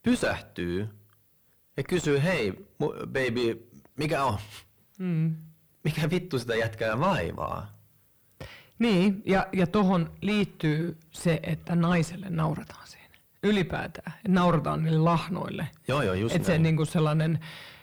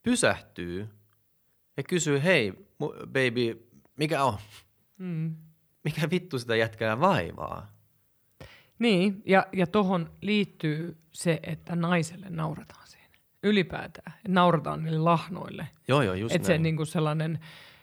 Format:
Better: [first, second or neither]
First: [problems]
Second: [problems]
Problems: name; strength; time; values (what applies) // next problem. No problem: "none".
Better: second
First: distortion; heavy; 5 dB below the speech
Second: none